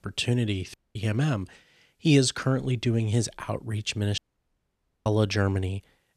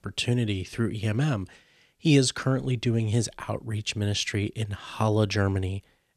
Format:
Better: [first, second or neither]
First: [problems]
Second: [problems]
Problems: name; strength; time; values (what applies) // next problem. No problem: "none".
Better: second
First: audio cutting out; at 0.5 s and at 4 s for 1 s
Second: none